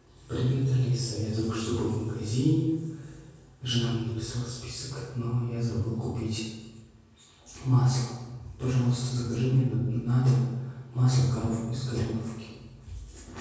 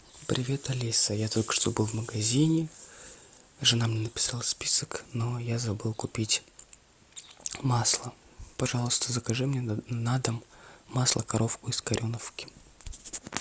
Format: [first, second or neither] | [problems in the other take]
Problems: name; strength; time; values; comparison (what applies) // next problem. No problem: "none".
second | room echo; dies away in 1.3 s